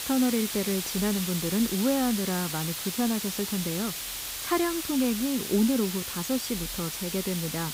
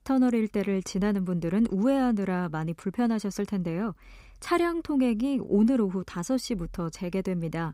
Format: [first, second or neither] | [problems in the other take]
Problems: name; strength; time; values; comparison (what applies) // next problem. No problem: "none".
second | hiss; loud; throughout; 3 dB below the speech